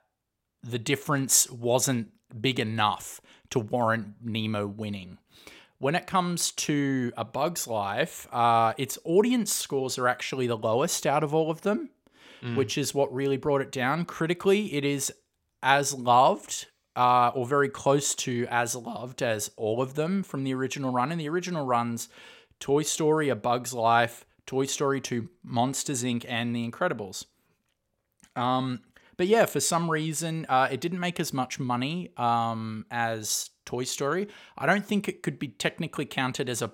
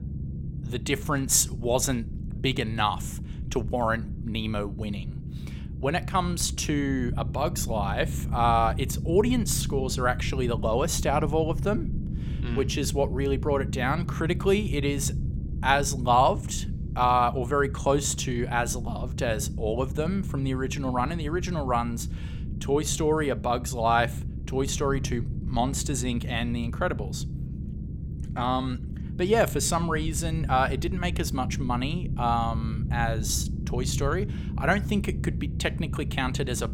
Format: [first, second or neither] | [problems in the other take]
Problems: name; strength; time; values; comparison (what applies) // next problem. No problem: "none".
first | low rumble; noticeable; throughout; 15 dB below the speech